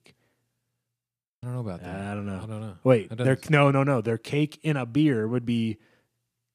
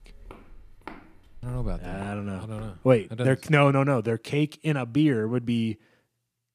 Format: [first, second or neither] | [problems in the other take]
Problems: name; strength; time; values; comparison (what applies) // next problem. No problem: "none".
first | footsteps; faint; until 3 s; peak 15 dB below the speech